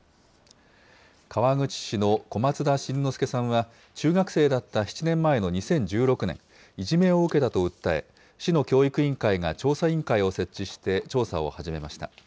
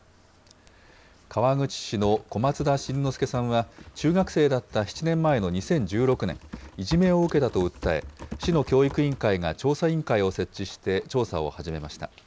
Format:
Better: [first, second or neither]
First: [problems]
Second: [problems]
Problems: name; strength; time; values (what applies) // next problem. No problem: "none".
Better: first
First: none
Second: background sound (Typing); 18 dB below the speech